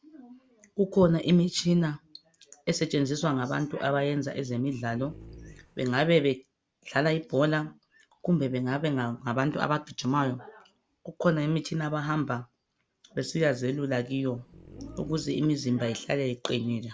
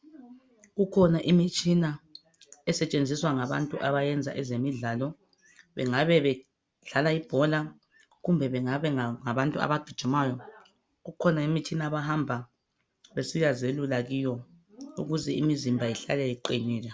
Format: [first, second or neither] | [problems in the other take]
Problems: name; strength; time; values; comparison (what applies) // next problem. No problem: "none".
second | background sound (Dog); 20 dB below the speech